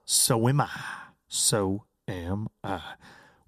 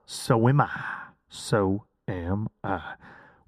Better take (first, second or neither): first